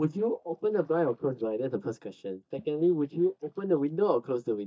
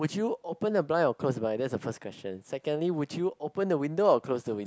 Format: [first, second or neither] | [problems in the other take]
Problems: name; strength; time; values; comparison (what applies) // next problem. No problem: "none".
second | noise reduction (neural mask model DeepFilterNet 3)